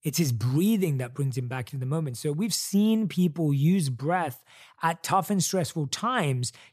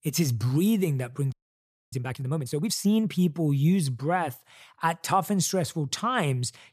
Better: first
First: none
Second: audio freezing; at 1.5 s for 0.5 s

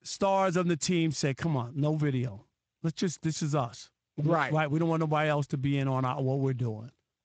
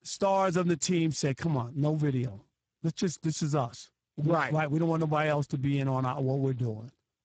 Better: first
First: garbled, watery; slightly; nothing above 7.5 kHz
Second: garbled, watery; badly; nothing above 7.5 kHz

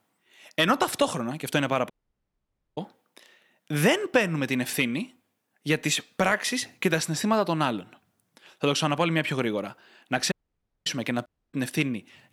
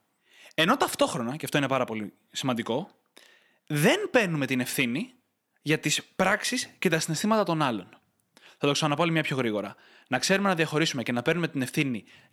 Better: second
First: audio cutting out; at 2 s for 1 s, at 10 s for 0.5 s and at 11 s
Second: none

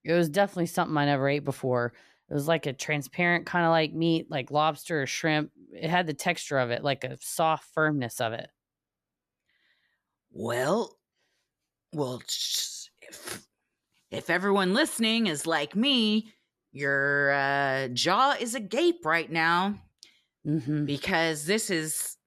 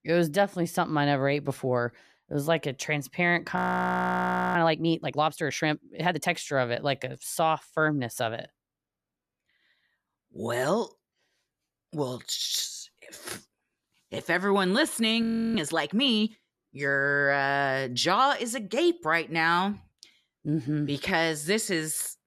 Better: first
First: none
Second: audio freezing; at 3.5 s for 1 s and at 15 s

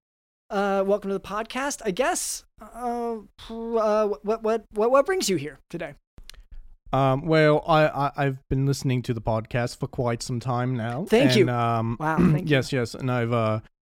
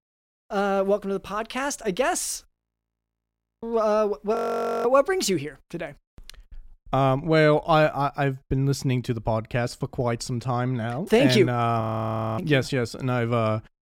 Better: first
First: none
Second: audio freezing; at 2.5 s for 1 s, at 4.5 s for 0.5 s and at 12 s for 0.5 s

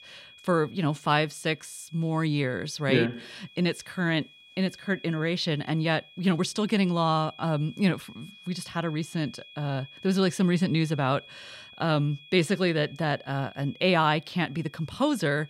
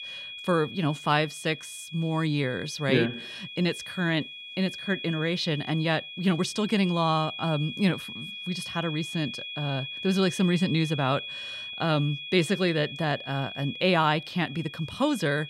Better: first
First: high-pitched whine; faint; throughout; 3.5 kHz, 20 dB below the speech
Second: high-pitched whine; loud; throughout; 3.5 kHz, 9 dB below the speech

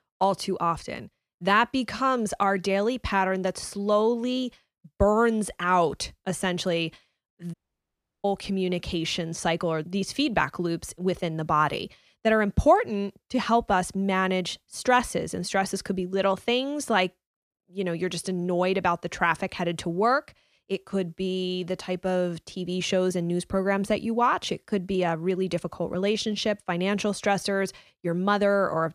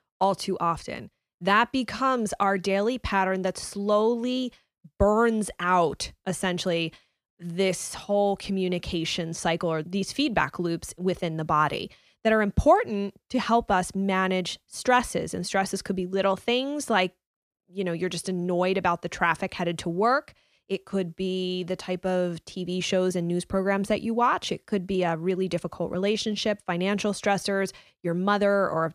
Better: second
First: audio cutting out; at 7.5 s for 0.5 s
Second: none

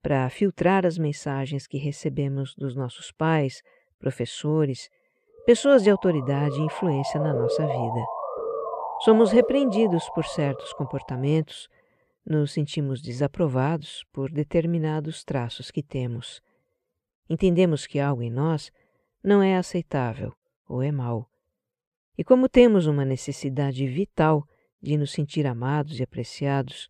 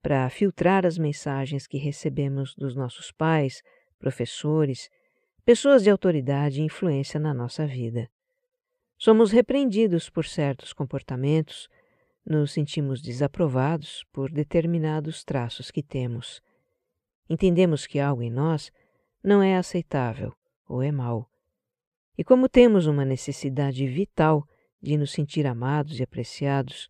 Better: second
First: siren; noticeable; from 5.5 to 11 s; peak 1 dB below the speech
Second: none

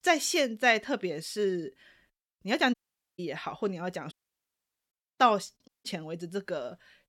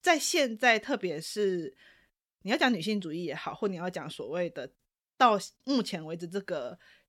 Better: second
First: audio cutting out; at 2.5 s, at 4 s for 1 s and at 5.5 s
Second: none

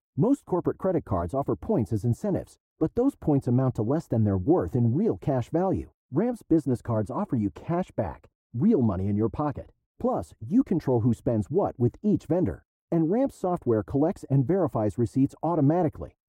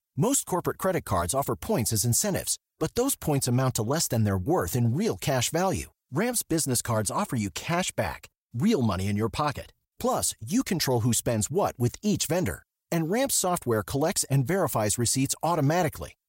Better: second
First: muffled; very; fading above 2 kHz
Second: none

